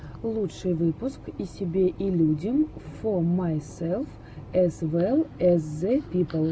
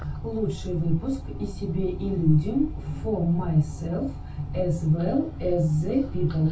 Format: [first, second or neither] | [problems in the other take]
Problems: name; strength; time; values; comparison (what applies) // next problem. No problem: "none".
first | room echo; dies away in 0.2 s